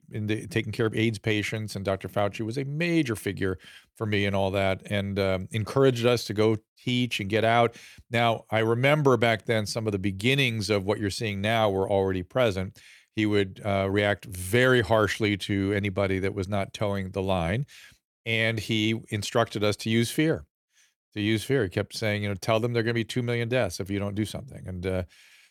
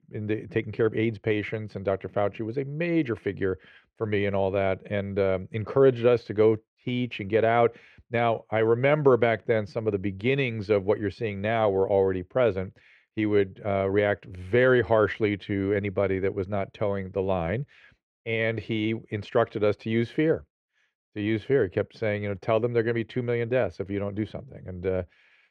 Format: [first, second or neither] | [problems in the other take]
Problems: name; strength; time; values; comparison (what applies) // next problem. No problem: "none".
first | muffled; very; fading above 2 kHz